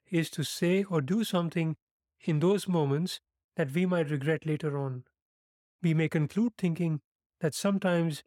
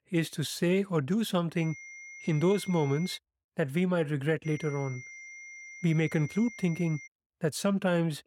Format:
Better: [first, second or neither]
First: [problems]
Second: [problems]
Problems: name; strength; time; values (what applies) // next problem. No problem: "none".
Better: first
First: none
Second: high-pitched whine; noticeable; from 1.5 to 3 s and from 4.5 to 7 s; 2 kHz, 15 dB below the speech